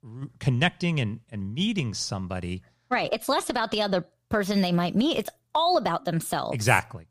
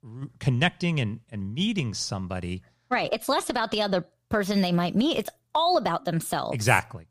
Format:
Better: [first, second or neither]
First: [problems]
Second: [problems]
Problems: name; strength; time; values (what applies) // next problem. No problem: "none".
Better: neither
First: none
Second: none